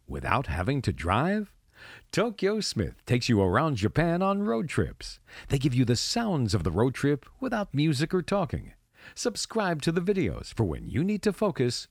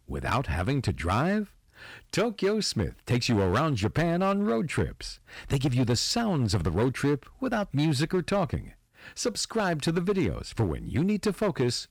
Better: first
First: none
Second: distortion; slight; 7% of the sound clipped

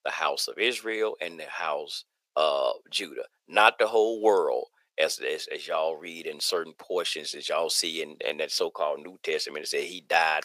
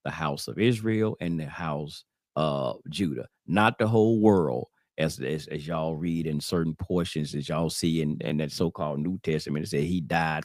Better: second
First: thin; very; fading below 500 Hz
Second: none

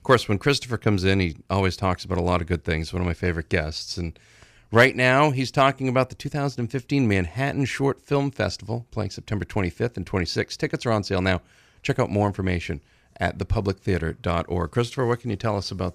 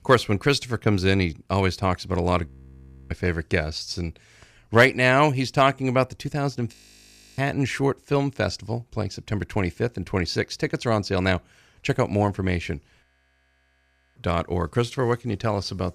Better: first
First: none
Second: audio freezing; at 2.5 s for 0.5 s, at 6.5 s for 0.5 s and at 13 s for 1 s

